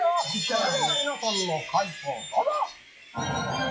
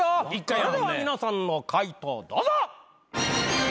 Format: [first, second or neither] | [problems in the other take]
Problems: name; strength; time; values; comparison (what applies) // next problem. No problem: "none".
second | noise reduction (classical method WPE with log-MMSE)